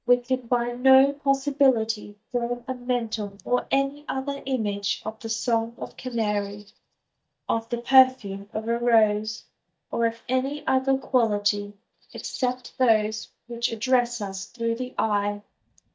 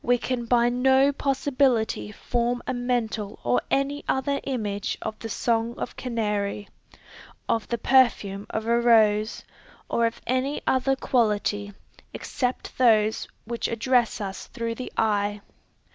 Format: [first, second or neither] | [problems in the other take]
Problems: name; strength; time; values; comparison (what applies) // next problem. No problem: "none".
second | noise reduction (neural mask model DeepFilterNet 3)